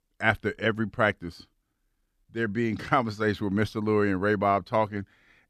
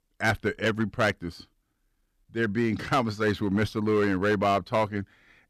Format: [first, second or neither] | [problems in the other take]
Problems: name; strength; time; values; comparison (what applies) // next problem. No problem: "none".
first | distortion; slight; 5% of the sound clipped